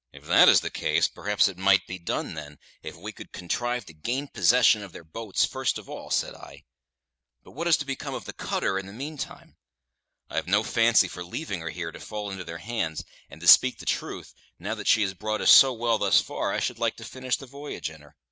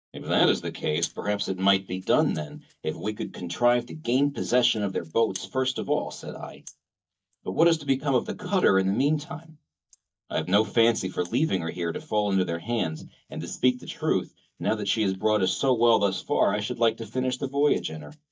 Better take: first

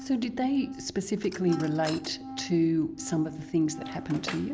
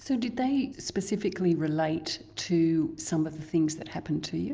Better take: second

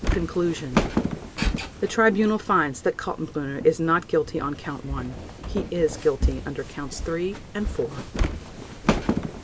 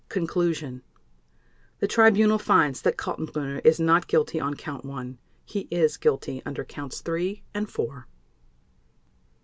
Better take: second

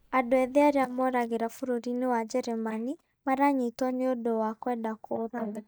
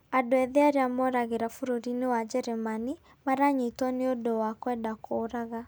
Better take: second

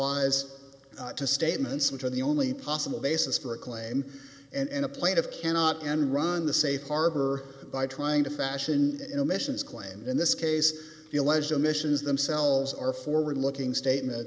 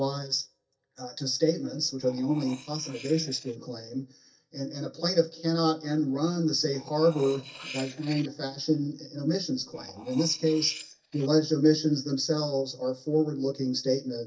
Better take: first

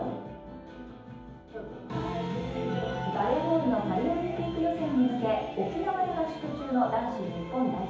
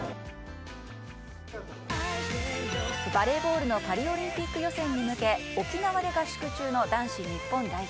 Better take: second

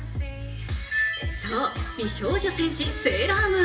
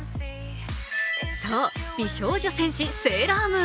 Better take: second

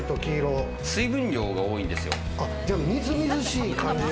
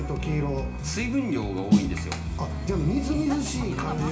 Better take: first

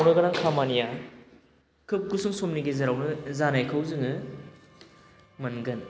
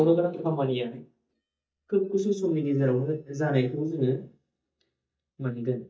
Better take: first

